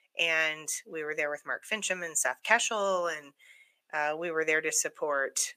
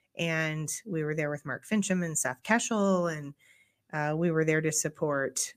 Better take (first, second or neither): second